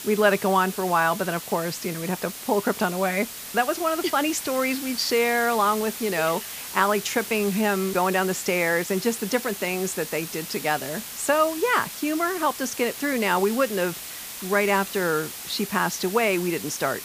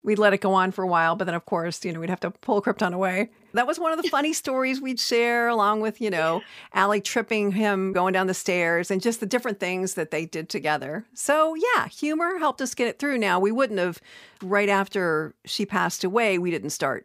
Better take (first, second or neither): second